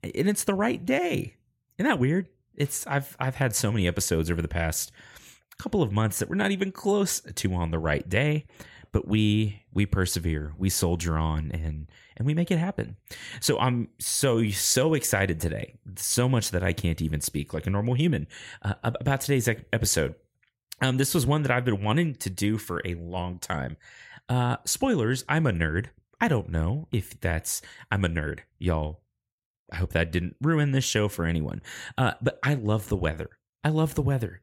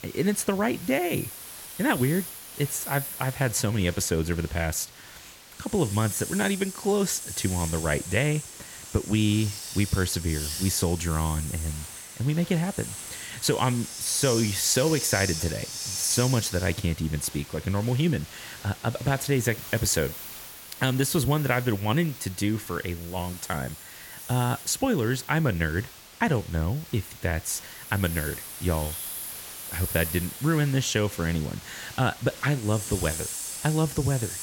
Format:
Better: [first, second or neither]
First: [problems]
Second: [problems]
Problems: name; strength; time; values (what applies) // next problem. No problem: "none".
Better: first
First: none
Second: hiss; loud; throughout; 9 dB below the speech